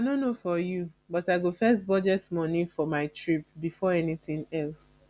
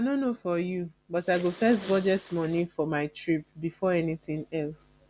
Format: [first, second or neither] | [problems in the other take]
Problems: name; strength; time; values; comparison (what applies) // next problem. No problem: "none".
first | background sound (Respiratory sounds); 19 dB below the speech